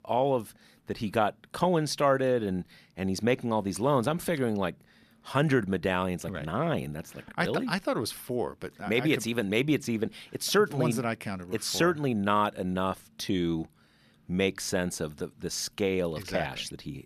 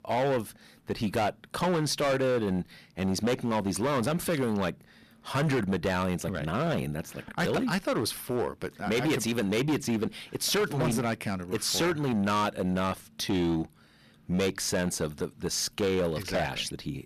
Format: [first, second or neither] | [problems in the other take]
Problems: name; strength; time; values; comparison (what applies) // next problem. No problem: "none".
first | distortion; heavy; 13% of the sound clipped